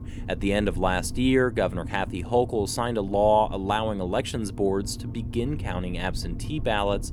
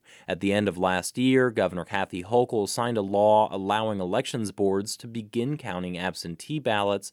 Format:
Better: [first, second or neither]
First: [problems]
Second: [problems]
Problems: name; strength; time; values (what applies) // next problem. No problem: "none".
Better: second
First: low rumble; faint; throughout; 20 dB below the speech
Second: none